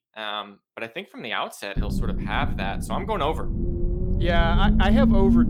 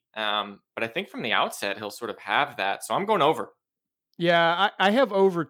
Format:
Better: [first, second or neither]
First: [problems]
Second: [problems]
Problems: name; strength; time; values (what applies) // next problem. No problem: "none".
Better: second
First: low rumble; loud; from 2 s on; 6 dB below the speech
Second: none